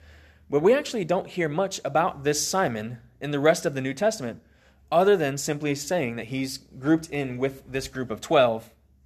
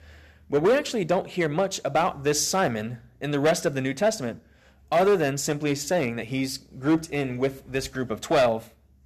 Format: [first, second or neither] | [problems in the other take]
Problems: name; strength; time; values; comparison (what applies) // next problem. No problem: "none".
first | distortion; slight; 4% of the sound clipped